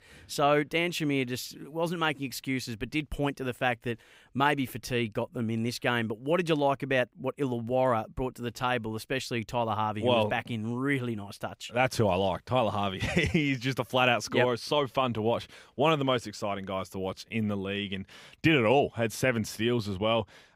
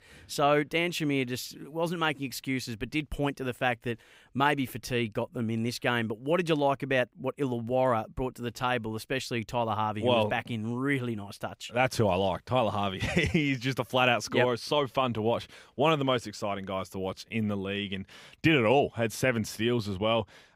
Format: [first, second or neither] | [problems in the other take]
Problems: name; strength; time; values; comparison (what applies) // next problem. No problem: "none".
neither | none